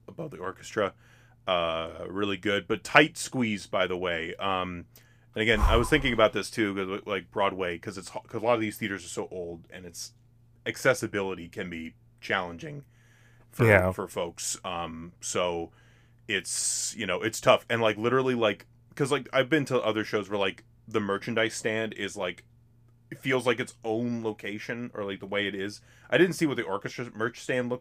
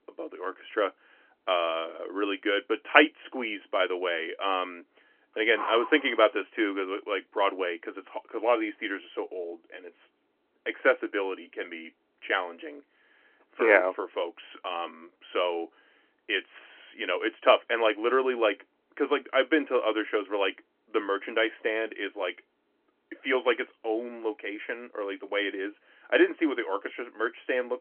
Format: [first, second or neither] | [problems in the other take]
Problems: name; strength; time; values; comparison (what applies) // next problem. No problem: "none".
first | phone-call audio; nothing above 3 kHz